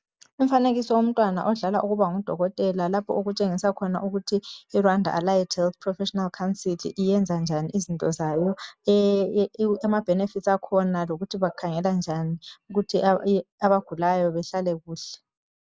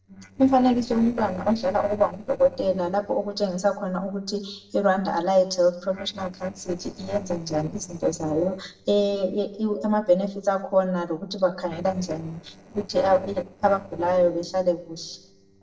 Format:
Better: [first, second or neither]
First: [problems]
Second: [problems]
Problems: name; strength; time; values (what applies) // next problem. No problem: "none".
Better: first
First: none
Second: noise reduction (neural separator model SepFormer DNS4)